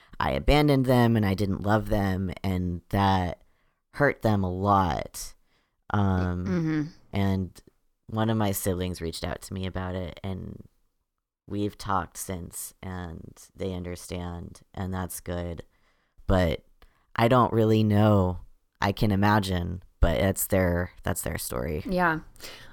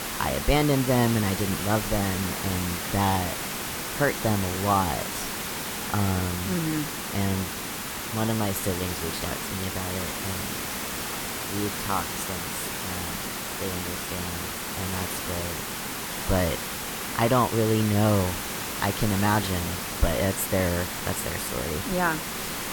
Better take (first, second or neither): first